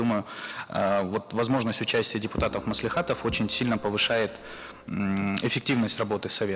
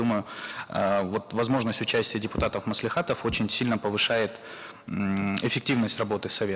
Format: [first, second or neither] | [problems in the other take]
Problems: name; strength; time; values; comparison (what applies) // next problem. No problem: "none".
second | background sound (Keyboard (musical) + Keyboard (musical)); 18 dB below the speech